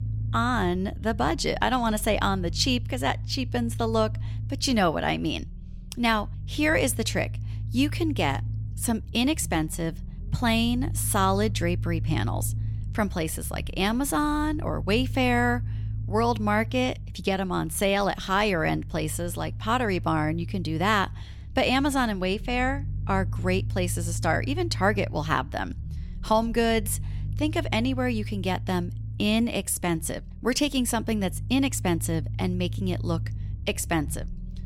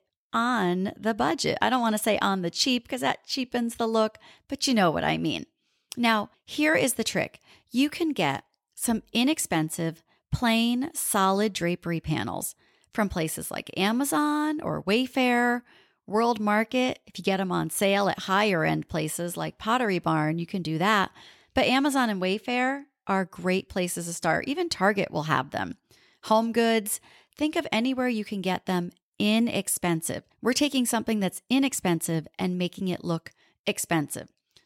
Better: second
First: low rumble; faint; throughout; 20 dB below the speech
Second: none

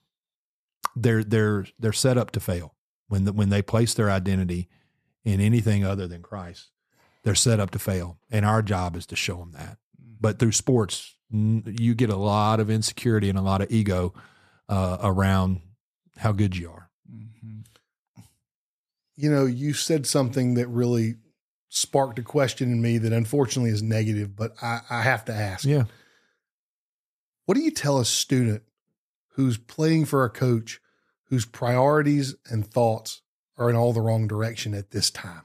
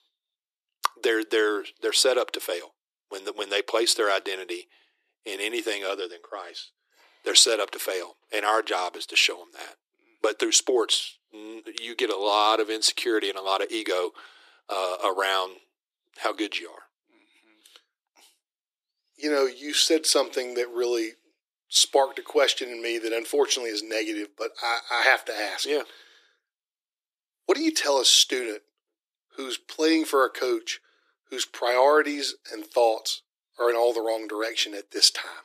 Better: first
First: none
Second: thin; very; fading below 300 Hz

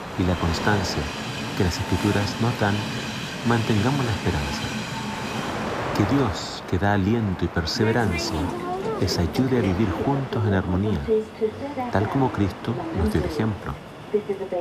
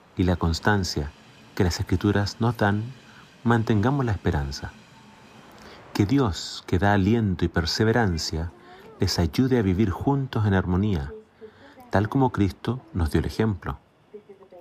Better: second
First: train or aircraft noise; loud; throughout; 4 dB below the speech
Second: train or aircraft noise; faint; throughout; 25 dB below the speech

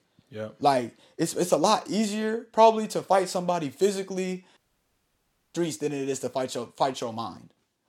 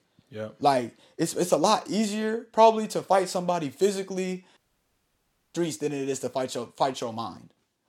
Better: neither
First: audio cutting out; at 4.5 s for 1 s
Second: audio cutting out; at 4.5 s for 1 s

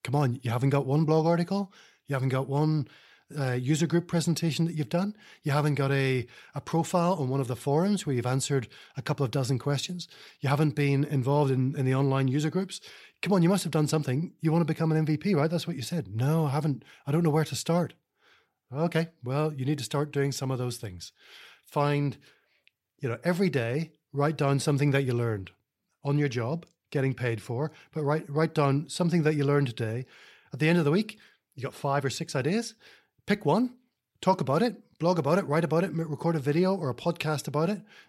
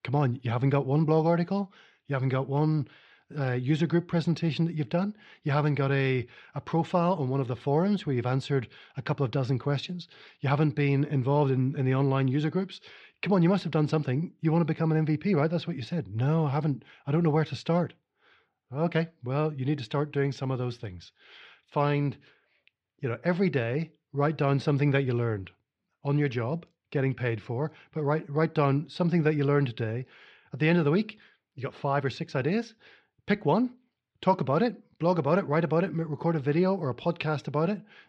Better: first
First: none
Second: muffled; slightly; fading above 3.5 kHz

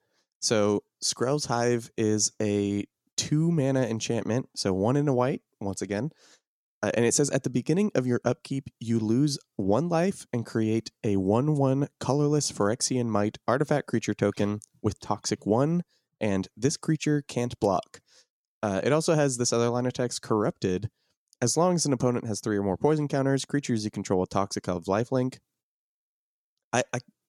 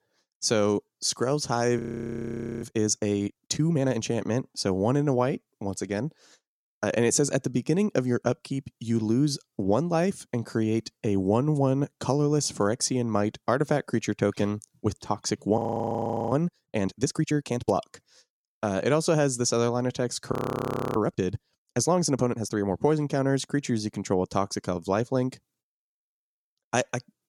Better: first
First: none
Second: audio freezing; at 2 s for 1 s, at 16 s for 0.5 s and at 20 s for 0.5 s

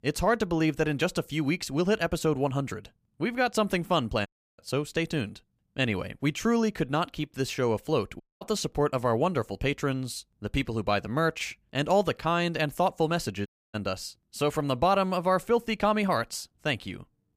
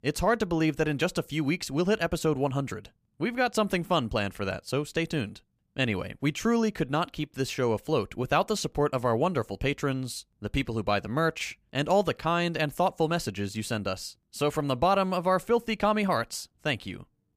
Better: second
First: audio cutting out; at 4.5 s, at 8 s and at 13 s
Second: none

